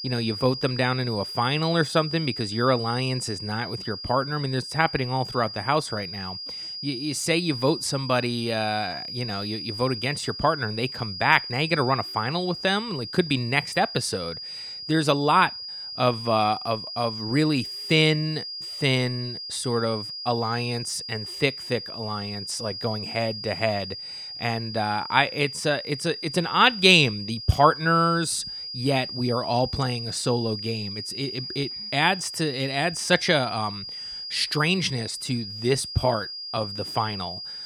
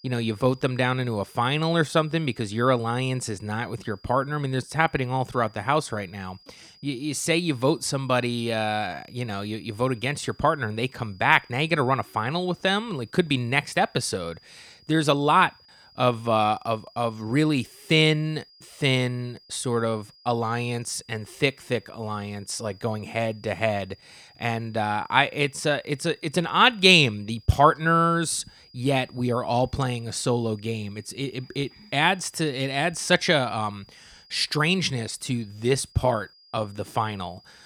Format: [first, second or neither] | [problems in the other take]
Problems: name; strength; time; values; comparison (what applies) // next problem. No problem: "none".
second | high-pitched whine; loud; throughout; 5 kHz, 8 dB below the speech; faint in the second